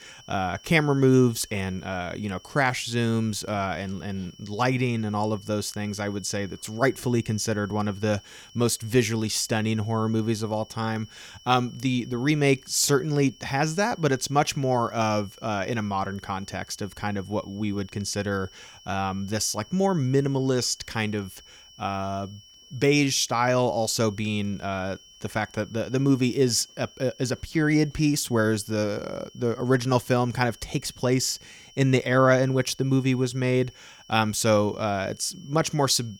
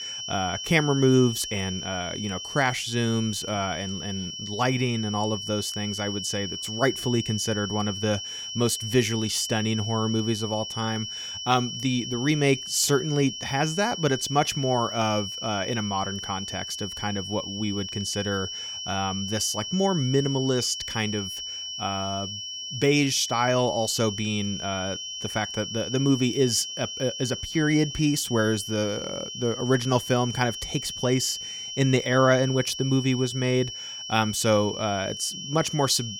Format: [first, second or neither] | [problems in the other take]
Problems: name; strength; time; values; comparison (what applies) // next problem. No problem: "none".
first | high-pitched whine; loud; throughout; 3 kHz, 7 dB below the speech; faint in the first